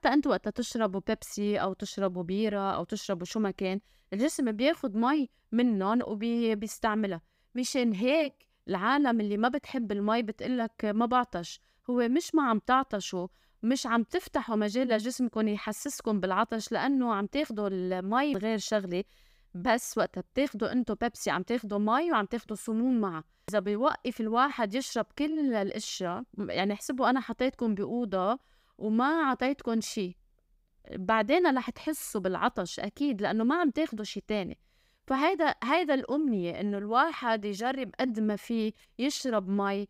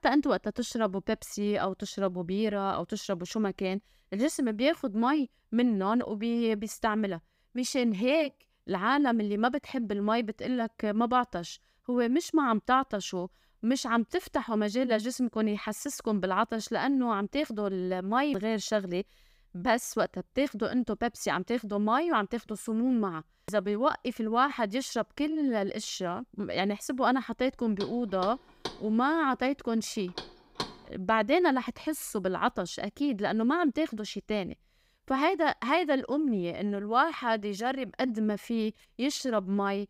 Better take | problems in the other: first | door banging; noticeable; from 28 to 31 s; peak 8 dB below the speech

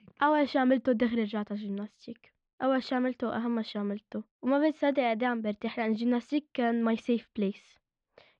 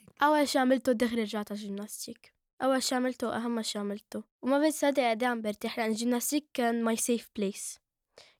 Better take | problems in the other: second | muffled; slightly; fading above 3.5 kHz

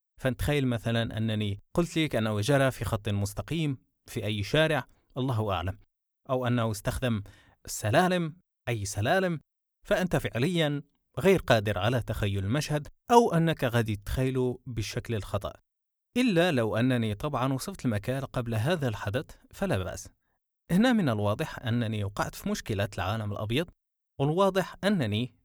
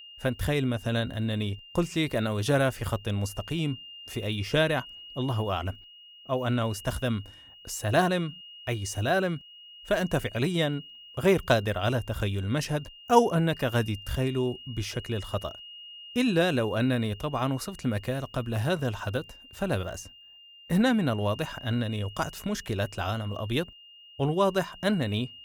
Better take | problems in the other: first | high-pitched whine; noticeable; throughout; 3 kHz, 15 dB below the speech

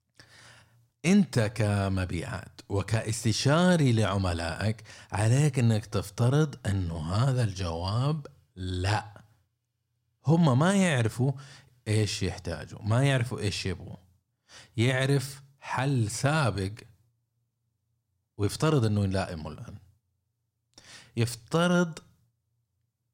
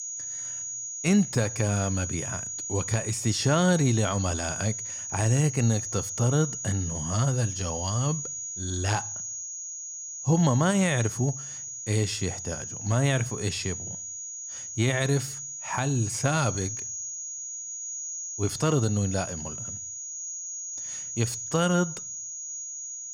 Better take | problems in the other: first | high-pitched whine; loud; throughout; 6.5 kHz, 6 dB below the speech

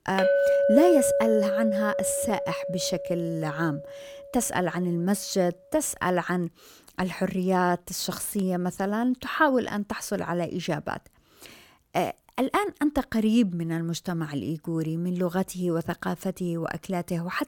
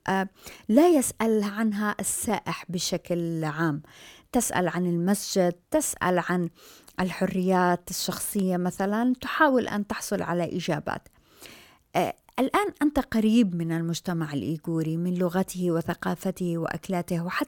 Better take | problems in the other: second | clattering dishes; loud; until 4 s; peak 6 dB above the speech

